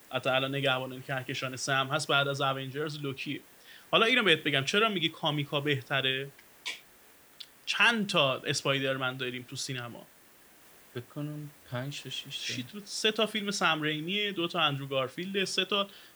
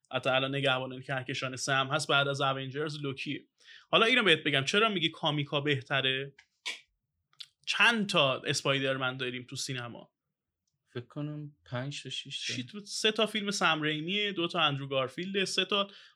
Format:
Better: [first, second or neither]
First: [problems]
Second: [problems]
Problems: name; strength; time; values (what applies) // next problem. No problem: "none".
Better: second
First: hiss; faint; throughout; 25 dB below the speech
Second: none